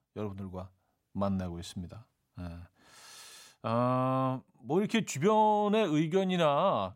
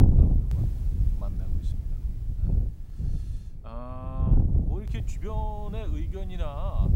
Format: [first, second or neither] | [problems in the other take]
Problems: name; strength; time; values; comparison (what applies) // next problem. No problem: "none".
first | wind noise on the microphone; heavy; 2 dB below the speech